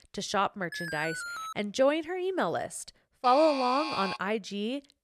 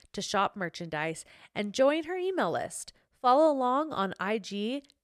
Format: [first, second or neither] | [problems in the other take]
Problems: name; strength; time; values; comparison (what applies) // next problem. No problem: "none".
second | alarm; noticeable; at 0.5 s and at 3 s; peak 5 dB below the speech